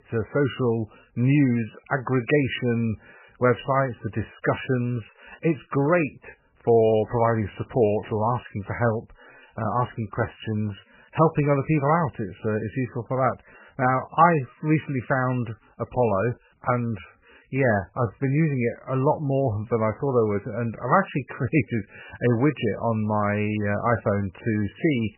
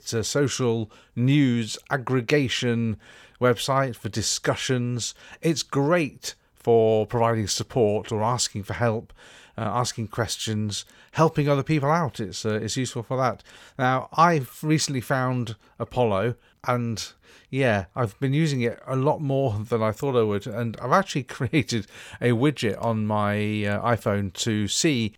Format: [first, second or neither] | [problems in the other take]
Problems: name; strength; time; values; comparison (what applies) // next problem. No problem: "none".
second | garbled, watery; badly; nothing above 3 kHz